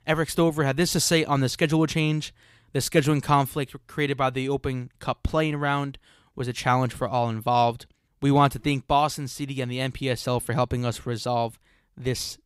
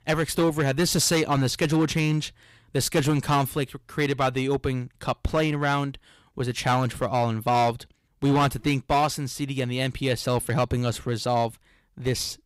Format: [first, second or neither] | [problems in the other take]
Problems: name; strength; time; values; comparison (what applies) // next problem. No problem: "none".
first | distortion; slight; 6% of the sound clipped